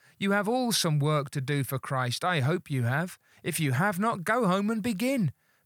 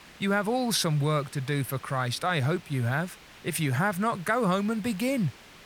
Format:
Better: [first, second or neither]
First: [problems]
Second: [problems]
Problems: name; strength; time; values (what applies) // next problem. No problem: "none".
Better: first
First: none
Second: hiss; faint; throughout; 20 dB below the speech